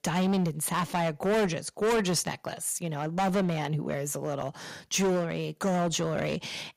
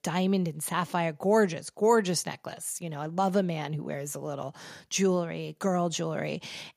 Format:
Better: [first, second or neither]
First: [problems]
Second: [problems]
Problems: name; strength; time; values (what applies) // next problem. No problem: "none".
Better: second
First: distortion; heavy; 12% of the sound clipped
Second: none